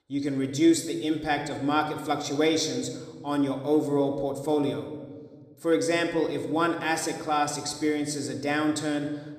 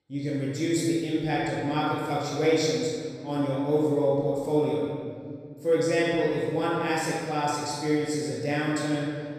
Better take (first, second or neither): first